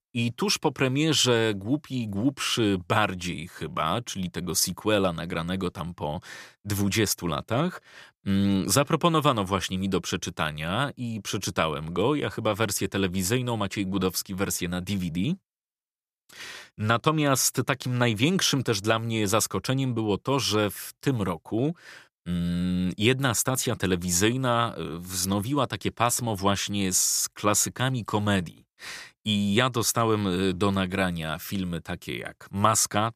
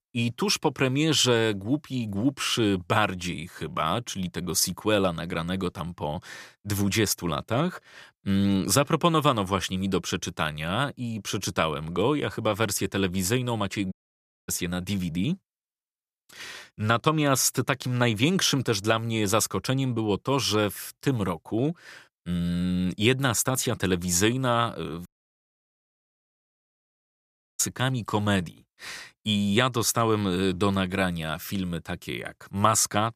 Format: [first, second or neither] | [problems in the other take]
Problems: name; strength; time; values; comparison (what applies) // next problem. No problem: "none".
first | audio cutting out; at 14 s for 0.5 s and at 25 s for 2.5 s